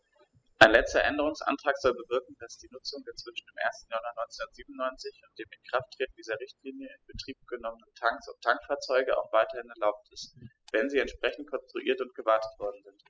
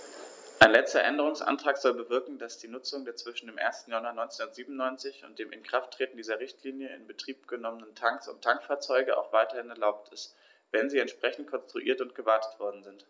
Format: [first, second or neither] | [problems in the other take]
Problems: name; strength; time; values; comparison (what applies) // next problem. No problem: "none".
second | noise reduction (classical method spectral subtraction)